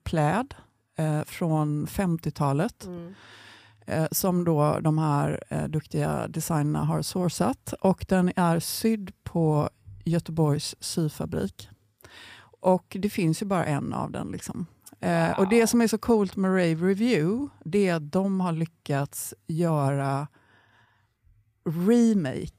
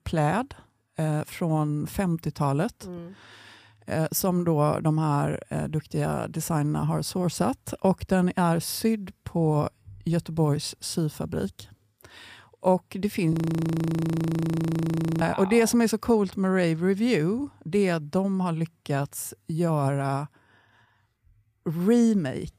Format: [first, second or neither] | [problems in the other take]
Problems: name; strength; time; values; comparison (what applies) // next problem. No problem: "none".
first | audio freezing; at 13 s for 2 s